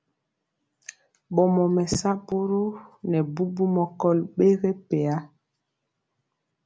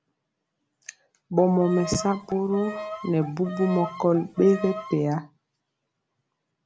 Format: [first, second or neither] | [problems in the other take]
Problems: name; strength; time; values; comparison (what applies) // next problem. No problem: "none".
first | background sound (Bowed string instrument); 11 dB below the speech